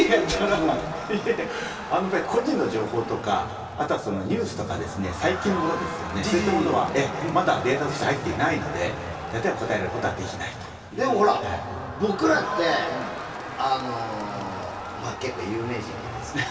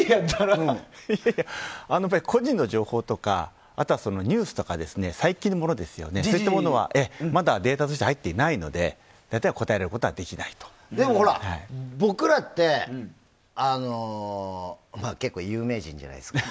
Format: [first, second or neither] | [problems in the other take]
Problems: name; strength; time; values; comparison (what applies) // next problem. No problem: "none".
second | background sound (Crowd); 10 dB below the speech // room echo; dies away in 2.5 s